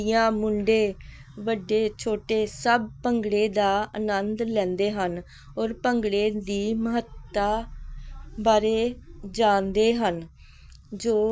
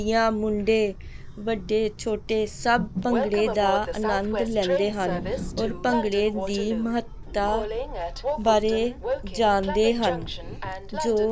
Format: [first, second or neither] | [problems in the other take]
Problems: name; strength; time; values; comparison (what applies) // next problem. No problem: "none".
first | background sound (Train); 6 dB below the speech